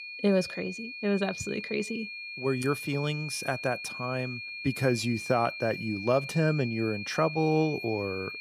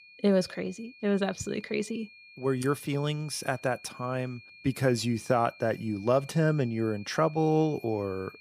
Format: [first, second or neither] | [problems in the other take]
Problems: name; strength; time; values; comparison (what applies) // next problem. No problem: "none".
second | high-pitched whine; loud; throughout; 2.5 kHz, 7 dB below the speech; faint in the second